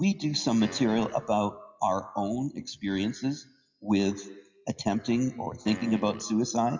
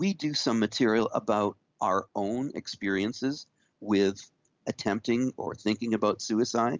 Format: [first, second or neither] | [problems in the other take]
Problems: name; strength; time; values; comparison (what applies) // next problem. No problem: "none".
second | noise reduction (classical method WPE with log-MMSE)